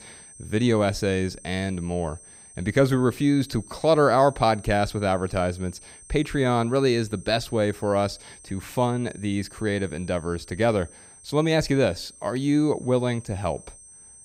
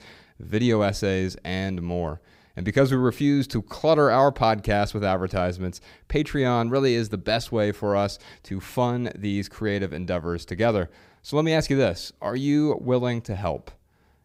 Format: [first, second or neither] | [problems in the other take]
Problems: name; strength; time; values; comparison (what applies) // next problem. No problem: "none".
second | high-pitched whine; faint; throughout; 8.5 kHz, 20 dB below the speech